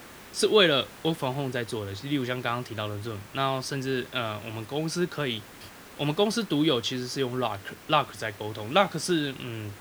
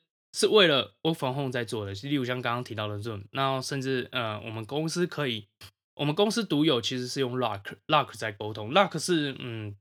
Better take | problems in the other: second | hiss; noticeable; throughout; 20 dB below the speech

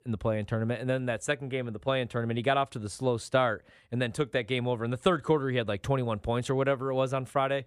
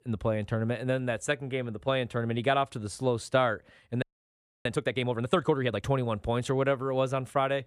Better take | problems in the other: first | audio freezing; at 4 s for 0.5 s

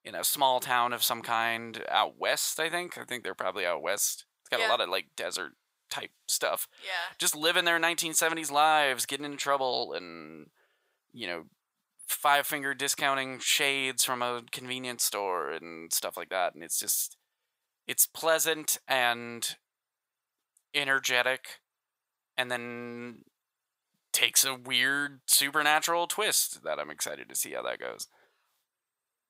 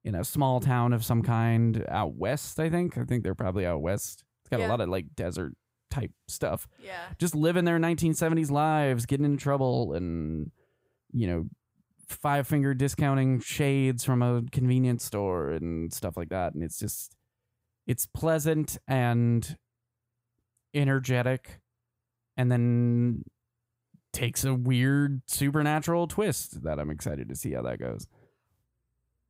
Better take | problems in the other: second | thin; very; fading below 900 Hz

